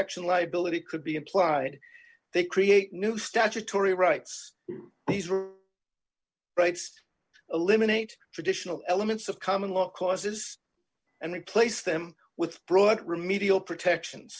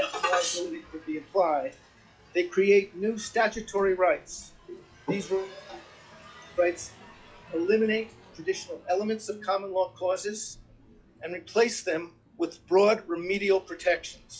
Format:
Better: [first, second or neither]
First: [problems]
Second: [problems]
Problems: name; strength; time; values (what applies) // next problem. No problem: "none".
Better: first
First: none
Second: noise reduction (classical method log-MMSE)